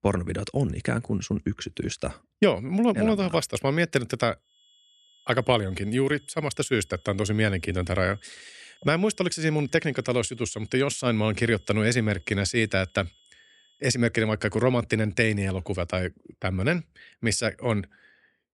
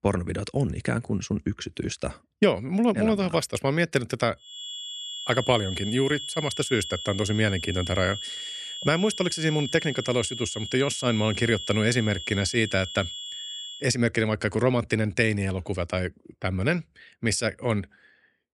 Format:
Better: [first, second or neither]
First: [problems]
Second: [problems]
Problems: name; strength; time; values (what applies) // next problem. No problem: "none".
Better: first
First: high-pitched whine; faint; from 4.5 to 14 s; 3.5 kHz, 30 dB below the speech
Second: high-pitched whine; loud; from 4.5 to 14 s; 3.5 kHz, 7 dB below the speech